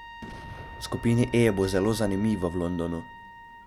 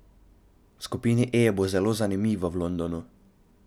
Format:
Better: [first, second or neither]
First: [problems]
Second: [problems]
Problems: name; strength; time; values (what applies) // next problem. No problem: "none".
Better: second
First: background sound (Boom + Trumpet); 14 dB below the speech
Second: none